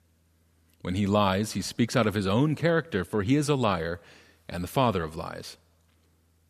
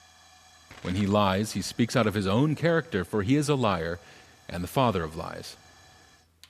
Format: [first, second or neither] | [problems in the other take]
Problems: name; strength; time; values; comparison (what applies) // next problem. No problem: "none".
first | hiss; faint; throughout; 25 dB below the speech